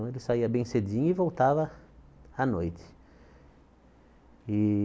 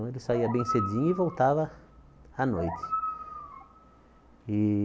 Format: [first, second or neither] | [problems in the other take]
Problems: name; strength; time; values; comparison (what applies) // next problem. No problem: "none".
first | background sound (Animal); 8 dB below the speech